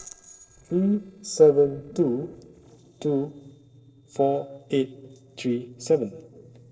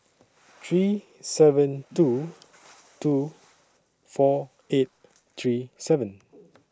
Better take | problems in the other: second | noise reduction (neural separator model SepFormer DNS4)

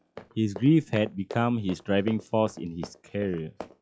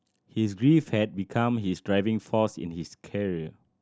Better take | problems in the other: second | noise reduction (classical method log-MMSE)

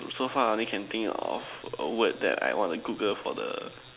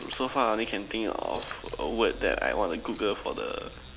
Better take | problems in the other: first | background sound (Splash, splatter); 15 dB below the speech

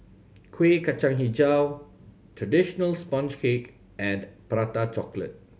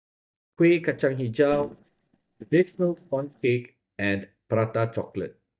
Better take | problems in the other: first | noise reduction (neural mask model DeepFilterNet 3)

